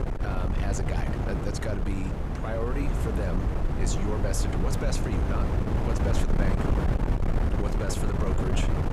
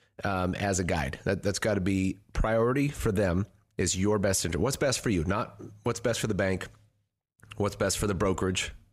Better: second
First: wind noise on the microphone; heavy; 1 dB above the speech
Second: none

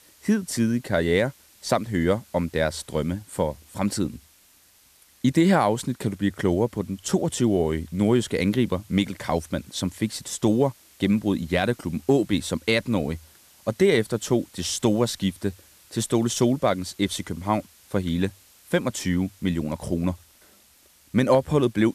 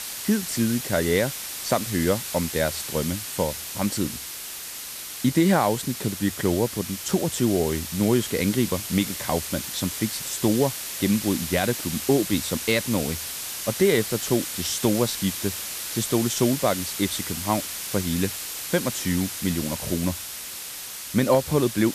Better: first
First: hiss; faint; throughout; 30 dB below the speech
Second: hiss; loud; throughout; 5 dB below the speech

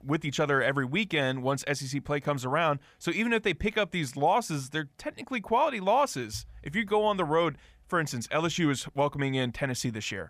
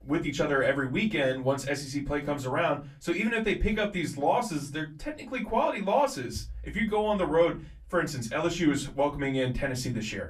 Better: first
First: none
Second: off-mic speech; far // room echo; very slight; dies away in 0.2 s

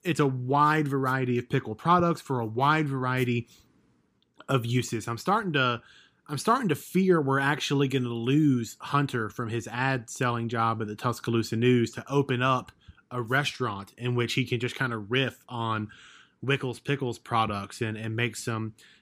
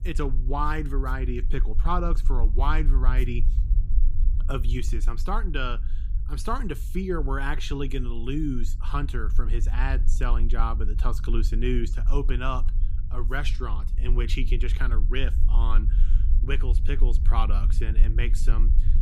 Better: first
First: none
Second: low rumble; noticeable; throughout; 15 dB below the speech

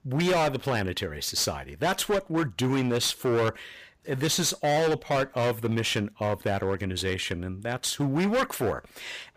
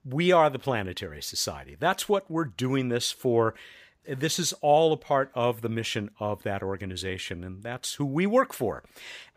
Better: second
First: distortion; heavy; 15% of the sound clipped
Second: none

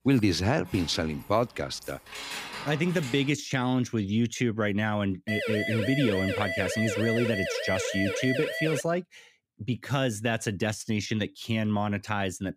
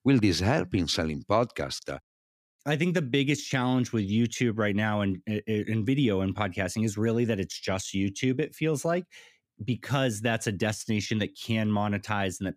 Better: second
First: jangling keys; noticeable; until 3.5 s; peak 7 dB below the speech // siren; noticeable; from 5.5 to 9 s; peak 2 dB below the speech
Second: none

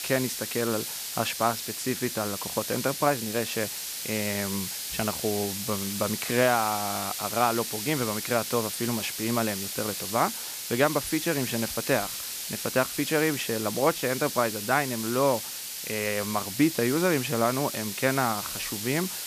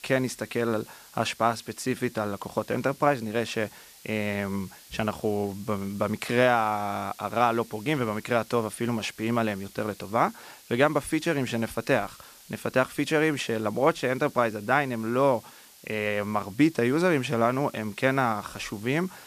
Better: second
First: hiss; loud; throughout; 4 dB below the speech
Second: hiss; faint; throughout; 20 dB below the speech

